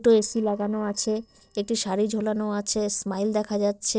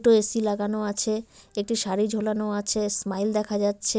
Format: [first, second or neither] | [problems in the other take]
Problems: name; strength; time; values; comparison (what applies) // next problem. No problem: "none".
second | noise reduction (neural separator model SepFormer DNS4)